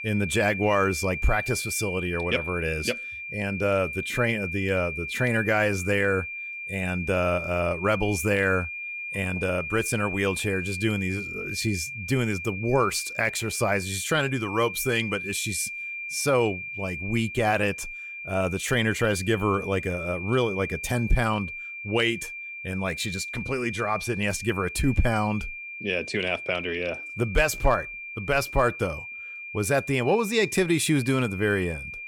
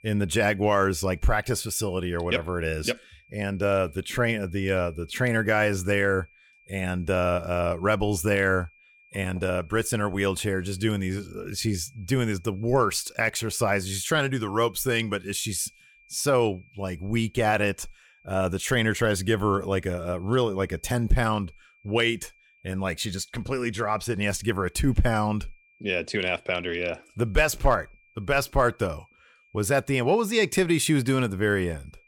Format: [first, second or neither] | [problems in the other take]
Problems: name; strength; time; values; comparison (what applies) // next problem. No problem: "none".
second | high-pitched whine; loud; throughout; 2.5 kHz, 7 dB below the speech; faint in the second